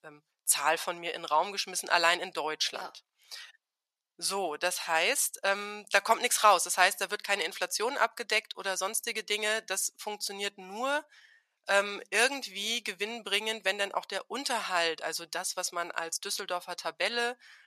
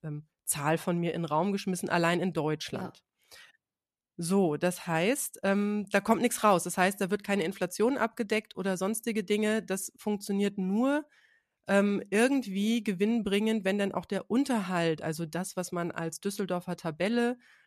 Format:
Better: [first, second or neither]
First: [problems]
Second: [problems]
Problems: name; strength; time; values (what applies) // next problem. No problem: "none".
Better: second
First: thin; very; fading below 800 Hz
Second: none